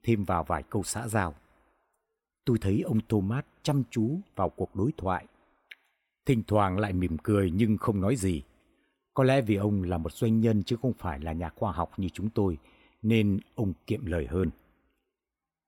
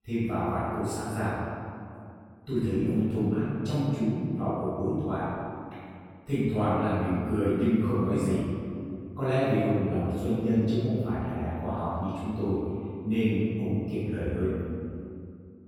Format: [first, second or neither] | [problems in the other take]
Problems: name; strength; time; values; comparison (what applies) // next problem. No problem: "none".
first | off-mic speech; far // room echo; strong; dies away in 2.3 s